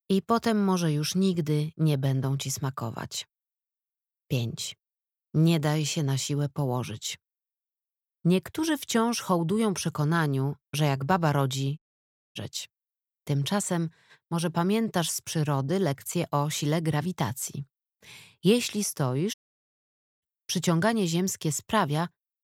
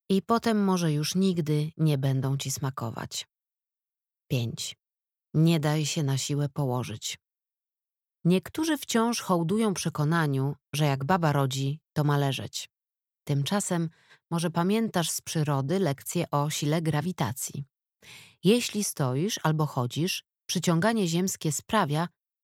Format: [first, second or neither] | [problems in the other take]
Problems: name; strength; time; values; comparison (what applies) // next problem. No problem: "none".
second | audio cutting out; at 12 s for 0.5 s and at 19 s for 1 s